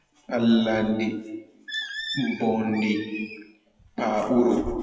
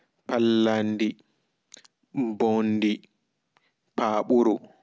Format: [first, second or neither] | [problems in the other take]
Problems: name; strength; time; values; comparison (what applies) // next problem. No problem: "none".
second | noise reduction (classical method WPE with log-MMSE)